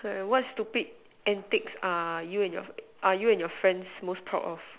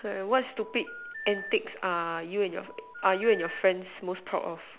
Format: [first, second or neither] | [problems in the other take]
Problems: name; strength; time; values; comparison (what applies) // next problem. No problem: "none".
first | background sound (Telephone); 14 dB below the speech